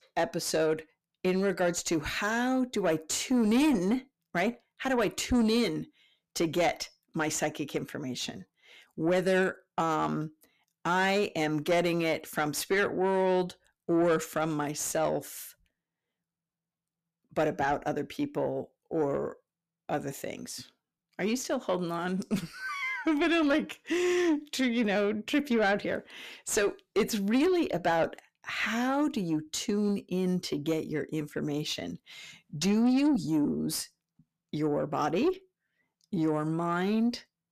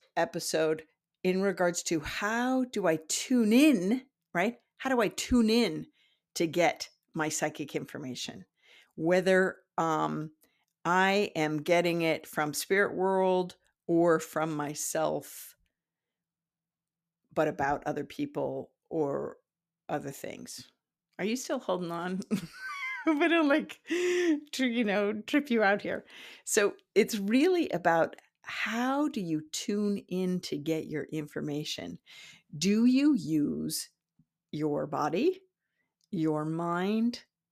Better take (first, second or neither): second